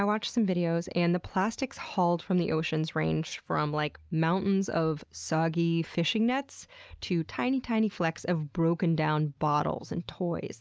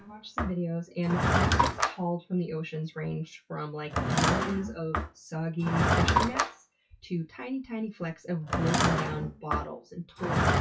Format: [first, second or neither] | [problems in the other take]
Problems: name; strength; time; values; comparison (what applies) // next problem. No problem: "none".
first | noise reduction (classical method WPE with log-MMSE)